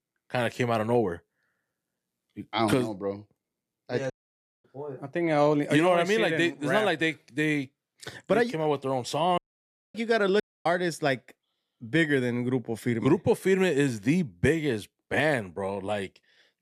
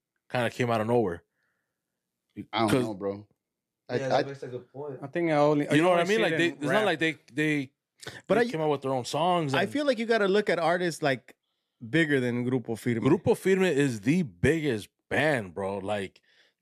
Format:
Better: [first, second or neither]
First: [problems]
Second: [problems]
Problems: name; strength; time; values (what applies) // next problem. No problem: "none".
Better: second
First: audio cutting out; at 4 s for 0.5 s, at 9.5 s for 0.5 s and at 10 s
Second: none